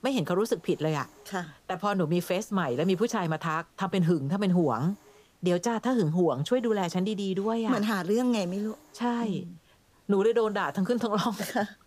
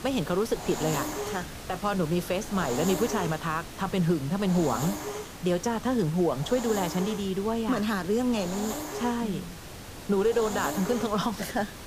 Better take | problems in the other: first | hiss; loud; throughout; 8 dB below the speech; faint in the first

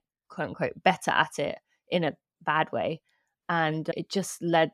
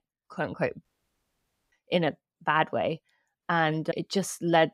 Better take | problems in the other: first | audio cutting out; at 1 s for 1 s

